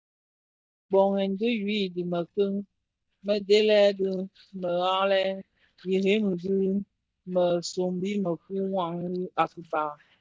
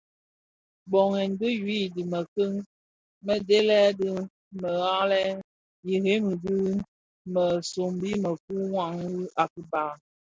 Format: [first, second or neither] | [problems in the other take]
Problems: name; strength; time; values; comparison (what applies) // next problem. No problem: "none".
second | noise reduction (neural mask model DeepFilterNet 3)